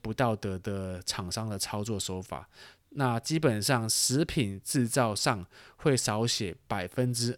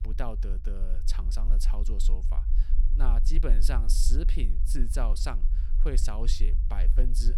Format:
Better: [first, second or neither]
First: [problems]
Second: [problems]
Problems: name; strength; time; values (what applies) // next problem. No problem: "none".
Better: first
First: none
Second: low rumble; noticeable; throughout; 10 dB below the speech